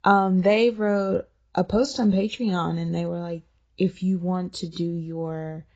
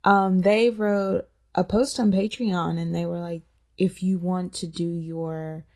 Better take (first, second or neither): second